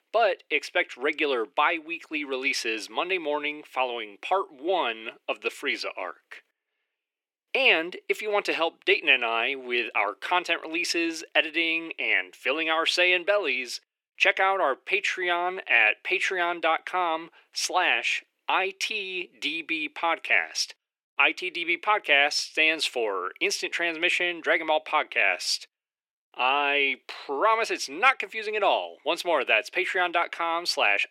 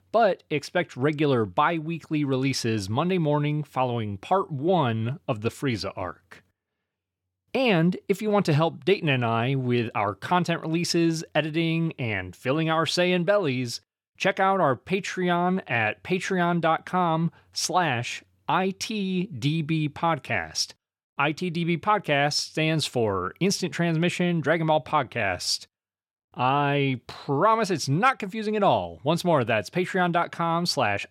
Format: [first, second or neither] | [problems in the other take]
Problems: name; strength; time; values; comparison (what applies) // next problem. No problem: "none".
second | thin; very; fading below 350 Hz